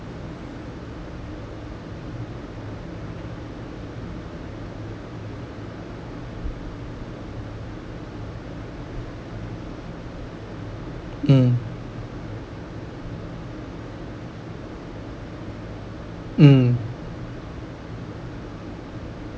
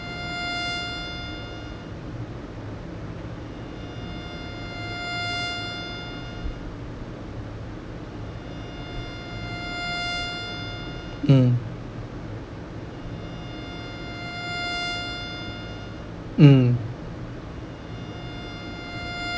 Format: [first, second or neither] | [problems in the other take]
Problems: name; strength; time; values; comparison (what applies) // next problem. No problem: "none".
first | background sound (Bowed string instrument); 9 dB below the speech